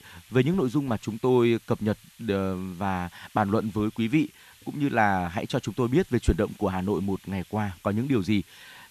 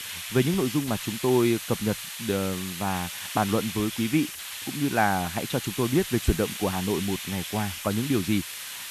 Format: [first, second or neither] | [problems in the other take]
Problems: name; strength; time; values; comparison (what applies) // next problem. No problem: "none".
first | hiss; loud; throughout; 7 dB below the speech; faint in the first